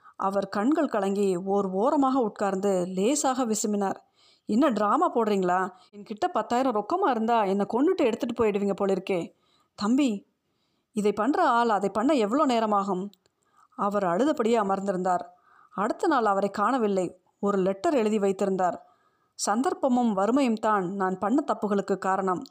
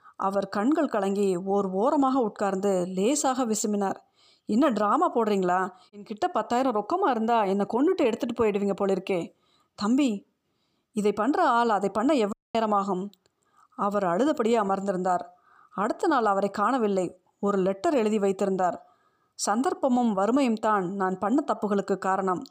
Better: first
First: none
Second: audio cutting out; at 12 s

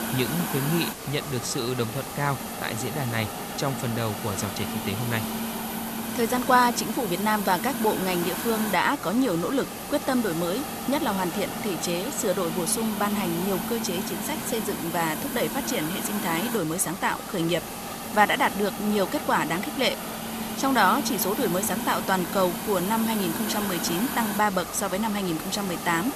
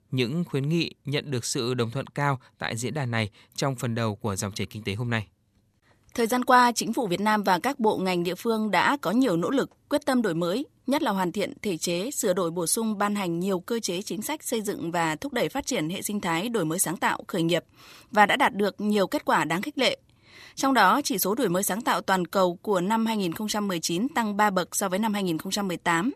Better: second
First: hiss; loud; throughout; 5 dB below the speech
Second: none

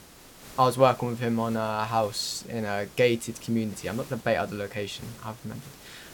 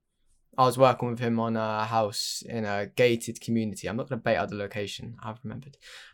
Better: second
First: hiss; noticeable; throughout; 20 dB below the speech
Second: none

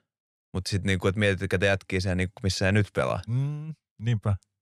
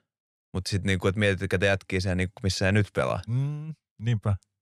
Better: neither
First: none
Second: none

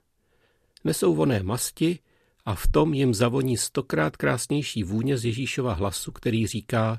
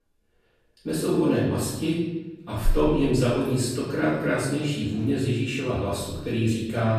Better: first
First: none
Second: off-mic speech; far // room echo; noticeable; dies away in 1 s

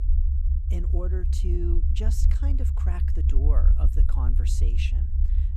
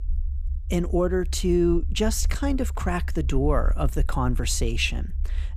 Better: second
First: low rumble; loud; throughout; 3 dB below the speech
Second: low rumble; faint; throughout; 25 dB below the speech

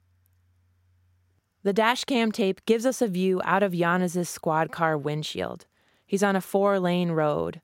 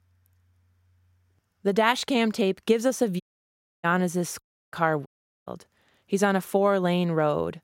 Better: first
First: none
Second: audio cutting out; at 3 s for 0.5 s, at 4.5 s and at 5 s

